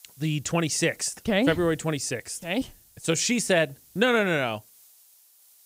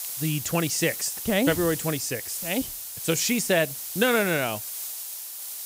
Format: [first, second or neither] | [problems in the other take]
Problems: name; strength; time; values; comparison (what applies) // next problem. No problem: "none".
first | hiss; loud; throughout; 6 dB below the speech; faint in the first